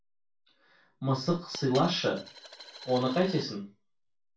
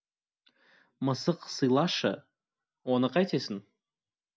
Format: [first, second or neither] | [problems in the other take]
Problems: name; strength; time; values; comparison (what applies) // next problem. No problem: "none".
second | background sound (Coin (dropping)); 14 dB below the speech // room echo; dies away in 0.2 s